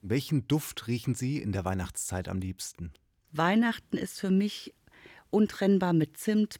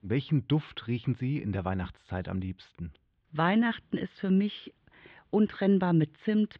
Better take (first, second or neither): first